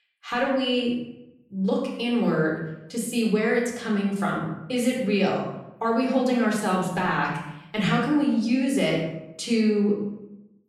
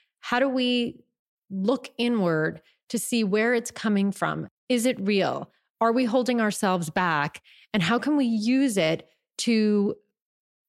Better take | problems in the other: second | off-mic speech; far // room echo; noticeable; dies away in 0.7 s

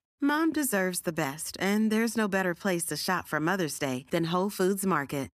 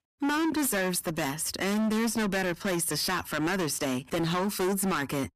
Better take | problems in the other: first | distortion; heavy; 27% of the sound clipped

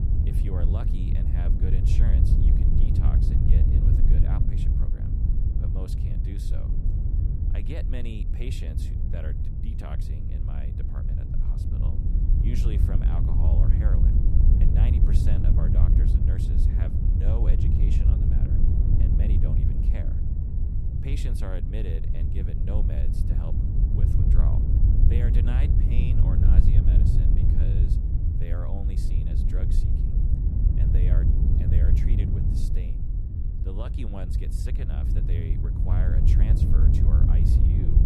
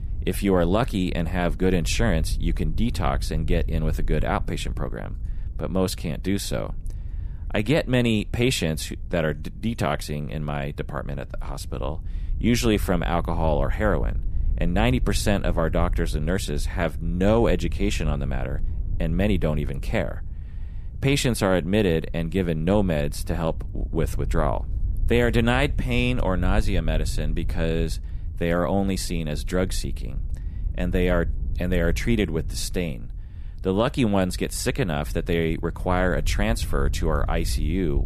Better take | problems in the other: second | wind noise on the microphone; heavy; 4 dB above the speech; occasional gusts in the second

